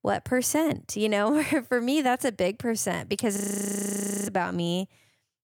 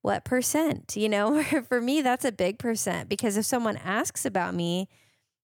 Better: second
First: audio freezing; at 3.5 s for 1 s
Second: none

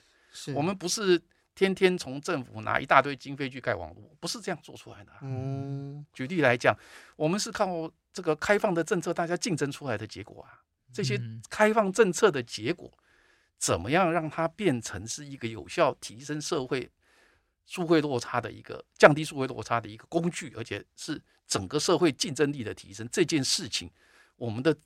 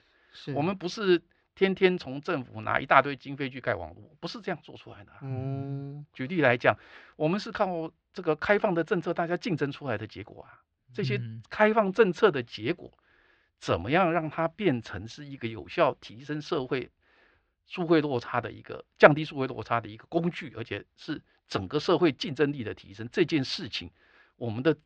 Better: first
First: none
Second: muffled; slightly; fading above 4 kHz

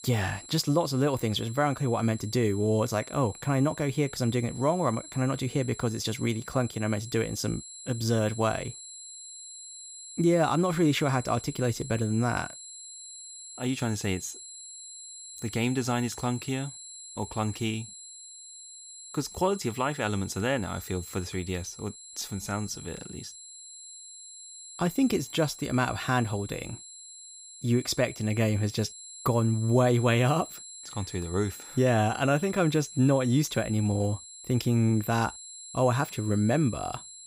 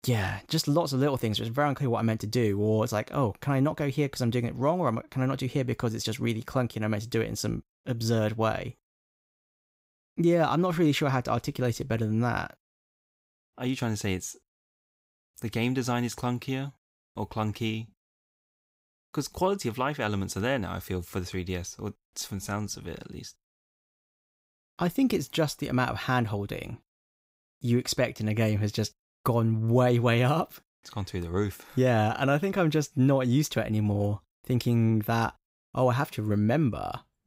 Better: second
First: high-pitched whine; noticeable; throughout; 7.5 kHz, 15 dB below the speech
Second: none

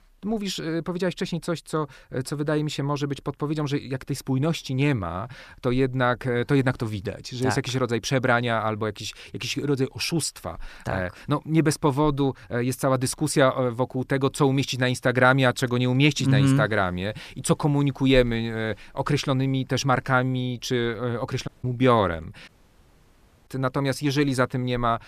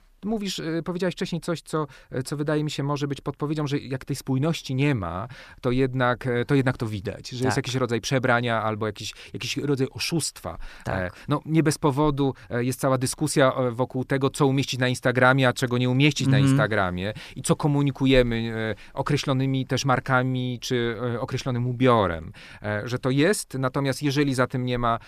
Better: second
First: audio cutting out; at 21 s and at 22 s for 1 s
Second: none

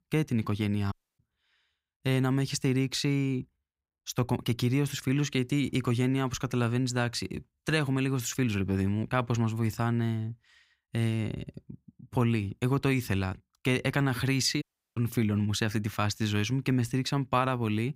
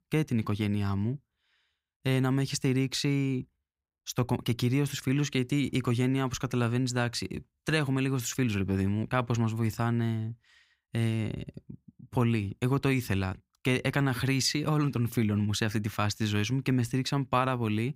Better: second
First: audio cutting out; at 1 s and at 15 s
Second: none

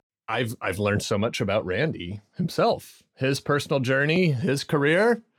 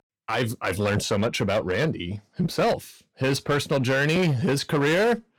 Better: first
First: none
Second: distortion; slight; 14% of the sound clipped

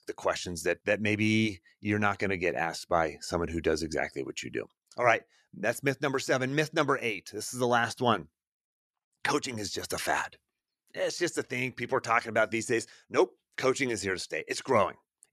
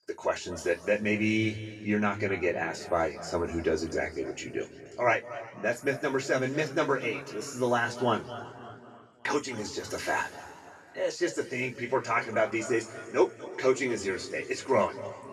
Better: first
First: none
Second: room echo; noticeable; dies away in 2.2 s // off-mic speech; far

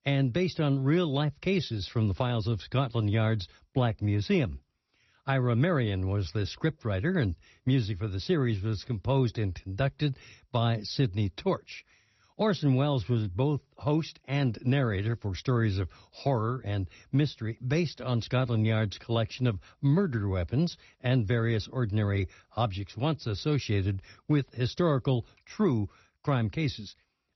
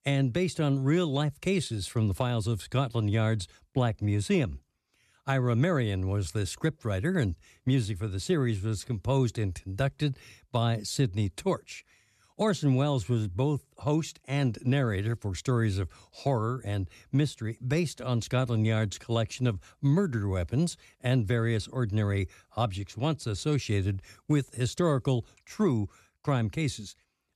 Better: second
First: garbled, watery; slightly; nothing above 6 kHz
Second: none

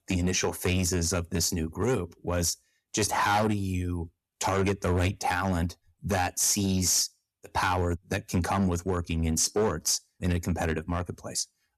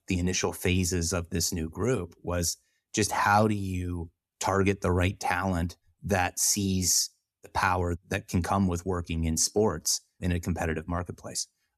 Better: second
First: distortion; slight; 6% of the sound clipped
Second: none

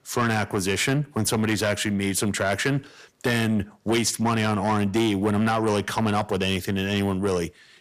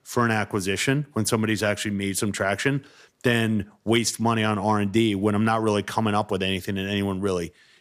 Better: second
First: distortion; slight; 10 dB below the speech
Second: none

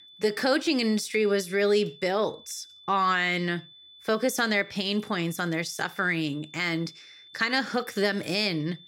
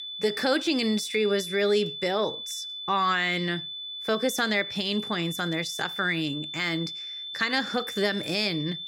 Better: first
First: high-pitched whine; faint; throughout; 3.5 kHz, 20 dB below the speech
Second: high-pitched whine; loud; throughout; 3.5 kHz, 7 dB below the speech

